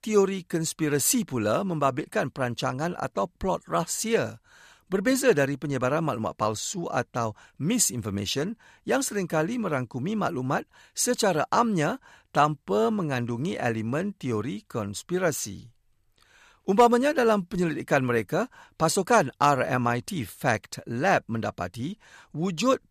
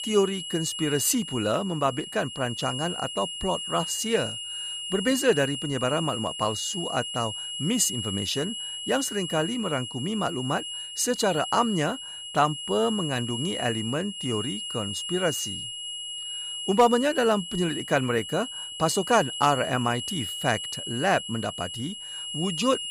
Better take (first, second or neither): first